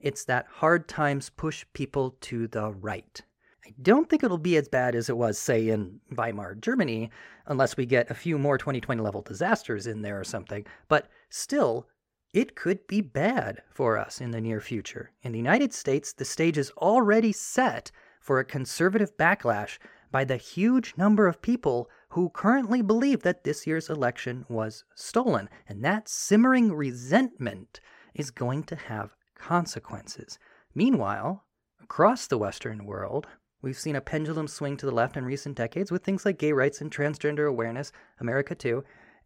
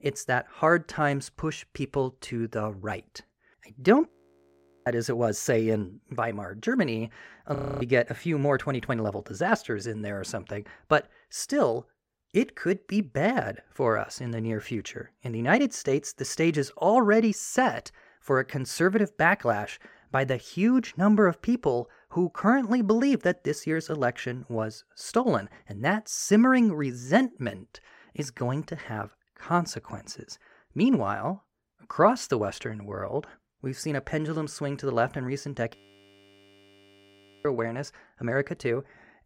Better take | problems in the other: first | audio freezing; at 4 s for 1 s, at 7.5 s and at 36 s for 1.5 s

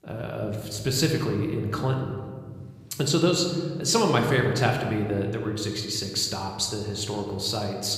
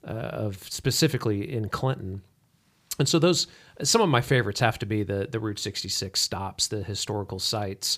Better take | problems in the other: second | room echo; slight; dies away in 1.5 s

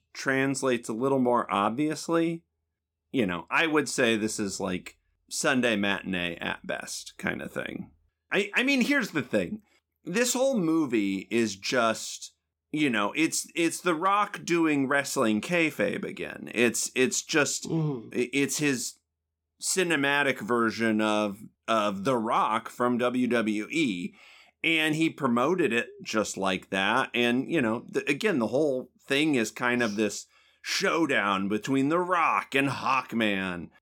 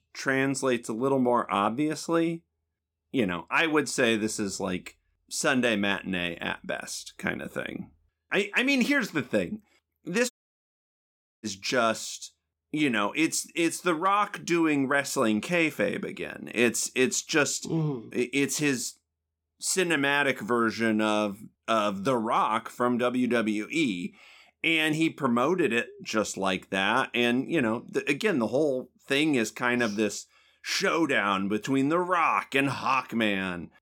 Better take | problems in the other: first | audio cutting out; at 10 s for 1 s

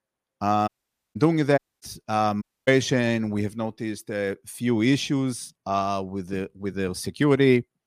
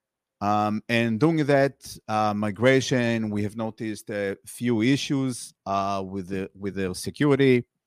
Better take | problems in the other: second | audio cutting out; at 0.5 s, at 1.5 s and at 2.5 s

